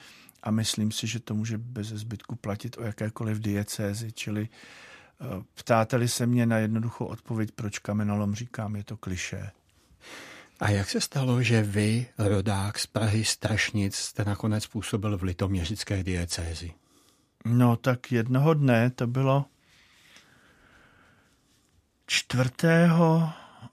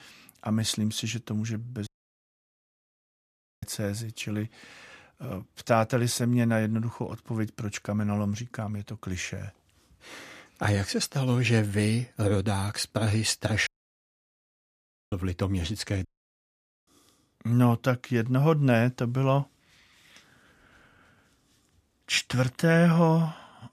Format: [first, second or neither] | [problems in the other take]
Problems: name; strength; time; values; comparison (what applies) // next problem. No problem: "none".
first | audio cutting out; at 2 s for 2 s, at 14 s for 1.5 s and at 16 s for 1 s